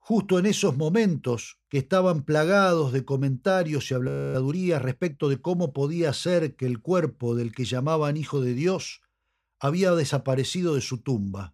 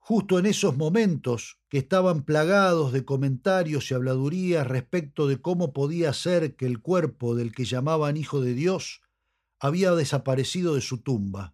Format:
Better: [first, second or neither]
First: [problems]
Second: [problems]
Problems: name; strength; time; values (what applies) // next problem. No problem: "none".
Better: second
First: audio freezing; at 4 s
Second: none